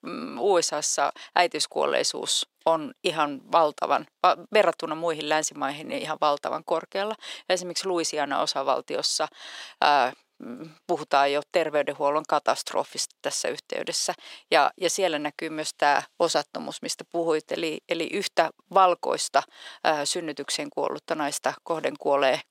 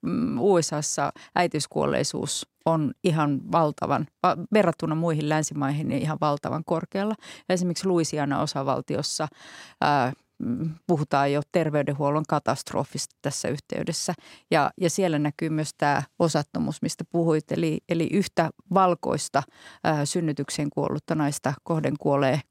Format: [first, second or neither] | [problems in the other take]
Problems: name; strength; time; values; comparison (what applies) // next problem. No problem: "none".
second | thin; somewhat; fading below 550 Hz